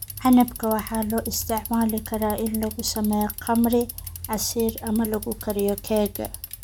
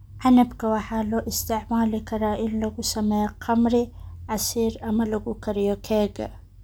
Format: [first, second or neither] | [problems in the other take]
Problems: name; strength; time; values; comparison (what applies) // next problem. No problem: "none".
second | background sound (Bicycle); 13 dB below the speech